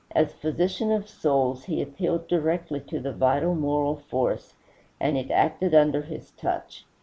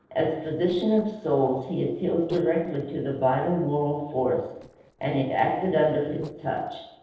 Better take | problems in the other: first | noise reduction (neural separator model SepFormer DNS4)

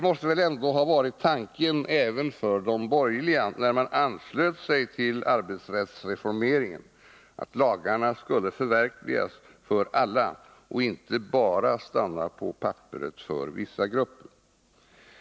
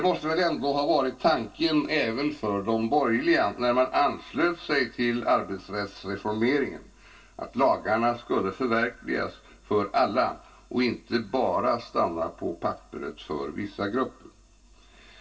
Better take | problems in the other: first | room echo; dies away in 0.2 s

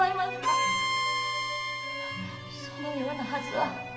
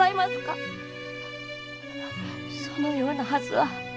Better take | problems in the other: second | background sound (Bowed string instrument); 1 dB above the speech // room echo; dies away in 1.7 s

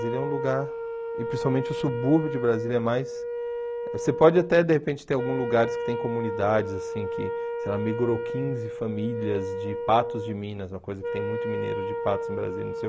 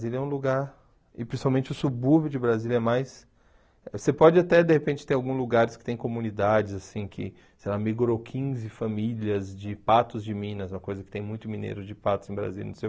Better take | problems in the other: second | background sound (Wind instrument, woodwind instrument); 4 dB below the speech

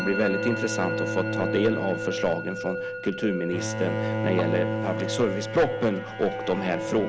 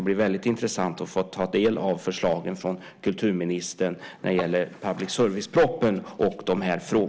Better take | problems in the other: second | background sound (Bowed string instrument + Musical instrument); 2 dB below the speech

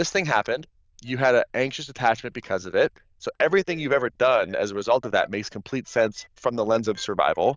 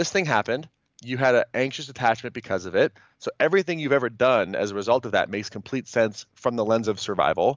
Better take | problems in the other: second | noise reduction (neural diffusion model UNIVERSE++)

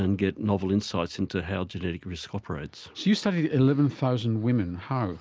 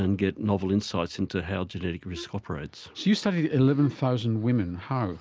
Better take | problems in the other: first | background sound (Wind instrument, woodwind instrument); 20 dB below the speech

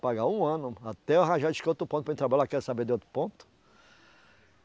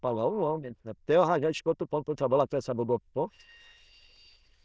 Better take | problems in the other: first | noise reduction (neural diffusion model UNIVERSE++)

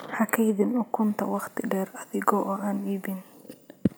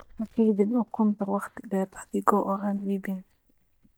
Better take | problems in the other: first | noise reduction (neural mask model DeepFilterNet 3)

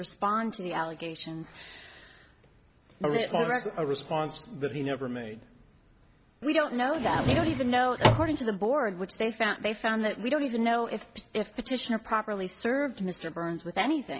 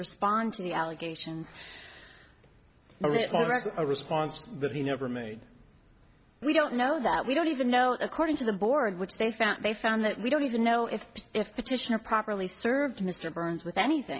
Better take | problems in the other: second | background sound (Drawer open or close); 2 dB above the speech

